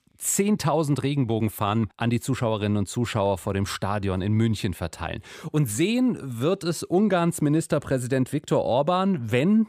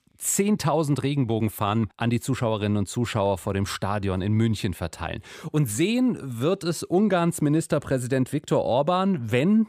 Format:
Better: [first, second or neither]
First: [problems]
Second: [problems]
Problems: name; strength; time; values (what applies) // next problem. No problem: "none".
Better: neither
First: none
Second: none